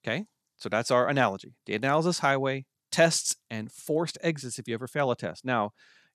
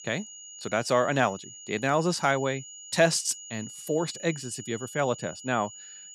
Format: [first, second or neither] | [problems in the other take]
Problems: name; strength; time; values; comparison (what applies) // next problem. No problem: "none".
first | high-pitched whine; noticeable; throughout; 7 kHz, 15 dB below the speech